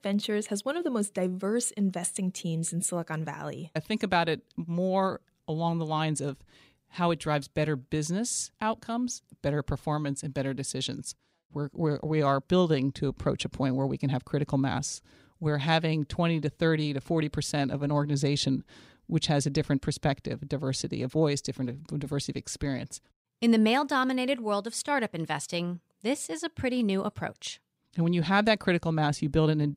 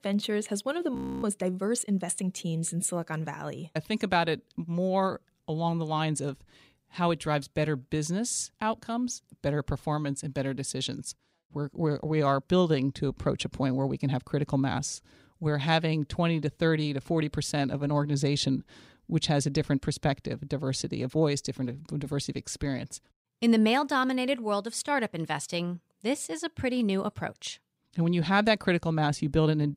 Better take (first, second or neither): first